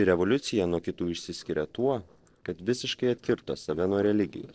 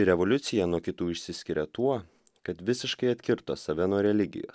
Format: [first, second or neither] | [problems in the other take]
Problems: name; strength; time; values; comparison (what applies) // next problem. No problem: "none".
second | noise reduction (neural separator model SepFormer DNS4)